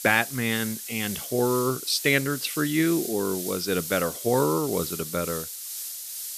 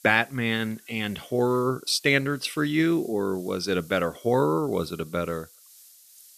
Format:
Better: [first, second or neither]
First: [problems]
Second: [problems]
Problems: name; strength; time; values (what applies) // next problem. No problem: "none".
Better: second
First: hiss; loud; throughout; 7 dB below the speech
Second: hiss; faint; throughout; 25 dB below the speech